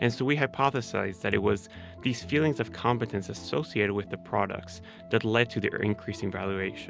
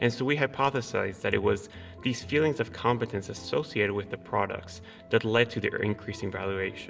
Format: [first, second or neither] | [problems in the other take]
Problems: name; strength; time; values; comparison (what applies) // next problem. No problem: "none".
first | room echo; dies away in 1 s